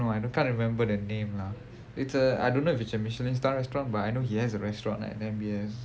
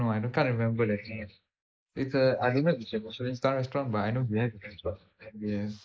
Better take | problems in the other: first | noise reduction (neural mask model Resemble Enhance denoiser)

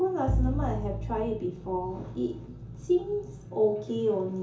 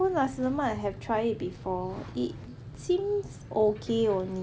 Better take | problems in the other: second | background sound (Bowed string instrument); 3 dB below the speech // room echo; dies away in 0.7 s

